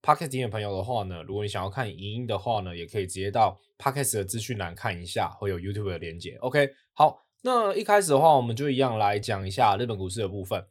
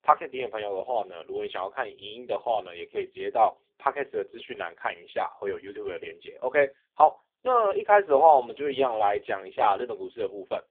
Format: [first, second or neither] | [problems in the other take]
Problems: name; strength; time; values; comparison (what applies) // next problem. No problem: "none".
first | phone-call audio; poor line